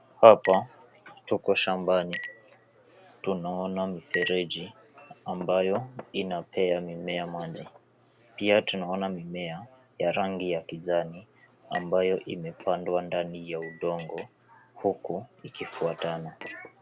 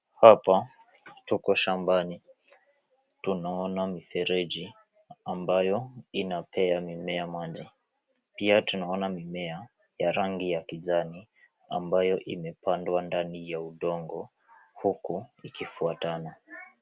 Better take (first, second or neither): second